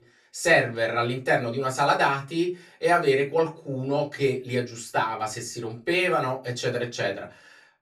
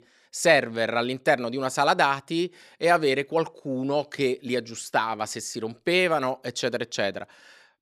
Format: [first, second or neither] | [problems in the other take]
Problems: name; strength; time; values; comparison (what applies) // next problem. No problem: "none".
second | off-mic speech; far // room echo; very slight; dies away in 0.2 s